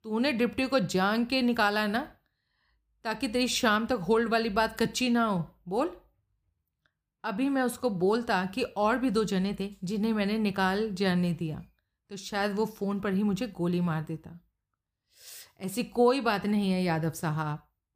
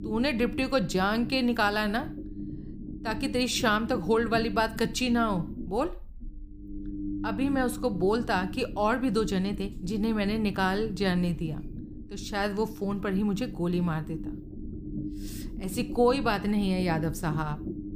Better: first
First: none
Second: low rumble; noticeable; throughout; 15 dB below the speech

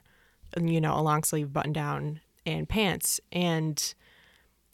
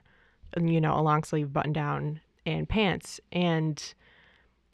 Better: first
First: none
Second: muffled; slightly; fading above 3 kHz

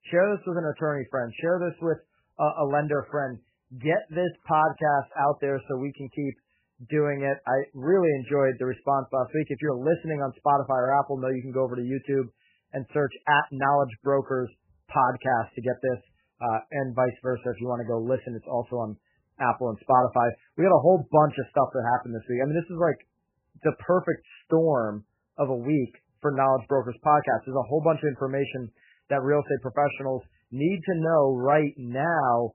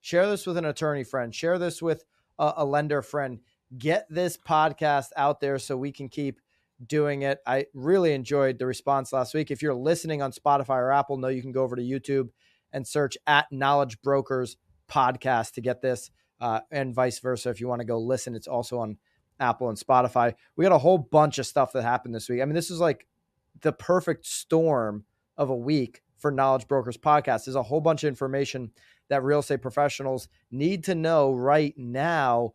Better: second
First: garbled, watery; badly; nothing above 3 kHz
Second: none

